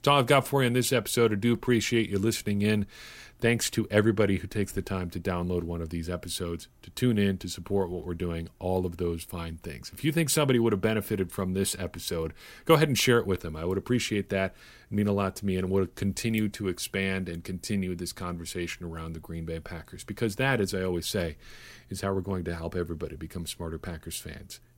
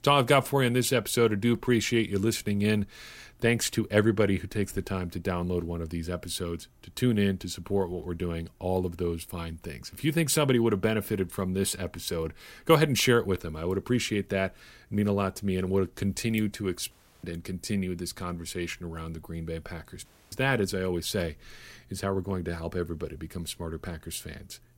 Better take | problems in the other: first | audio cutting out; at 17 s and at 20 s

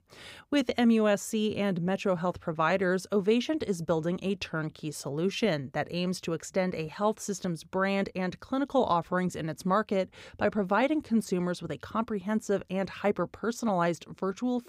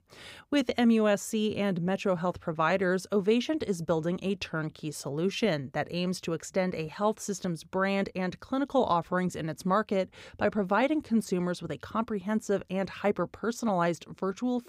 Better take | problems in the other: neither | none

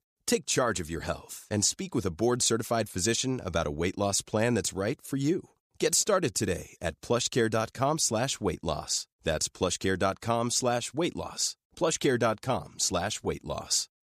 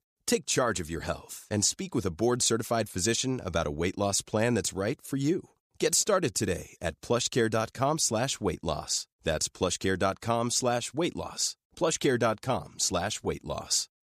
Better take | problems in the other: neither | none

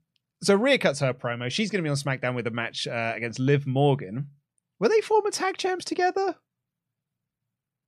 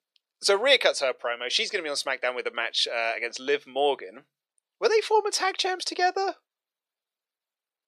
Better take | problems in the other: first | thin; very; fading below 400 Hz

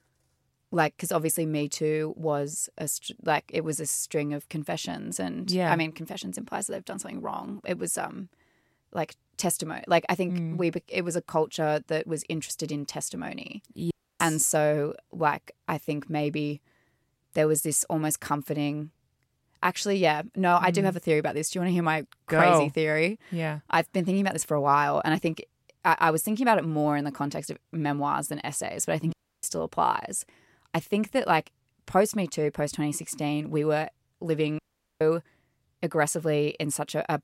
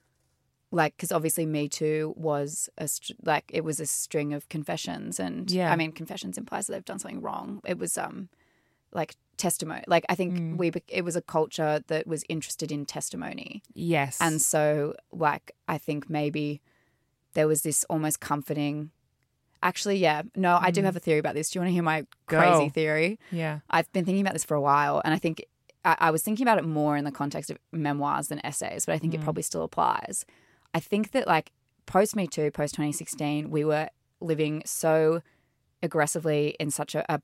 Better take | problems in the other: second | audio cutting out; at 14 s, at 29 s and at 35 s

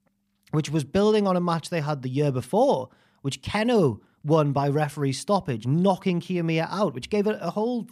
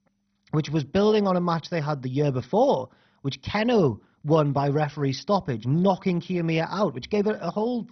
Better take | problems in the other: first | garbled, watery; badly; nothing above 6 kHz

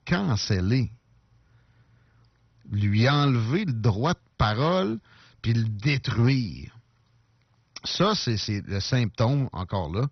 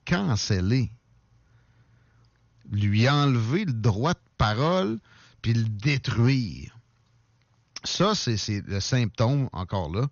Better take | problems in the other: second | garbled, watery; badly; nothing above 6 kHz; slightly in the second

